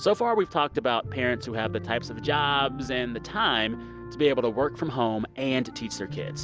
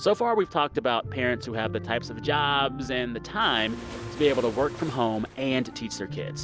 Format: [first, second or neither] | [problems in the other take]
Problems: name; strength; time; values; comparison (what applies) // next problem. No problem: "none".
first | background sound (Waves, surf); 15 dB below the speech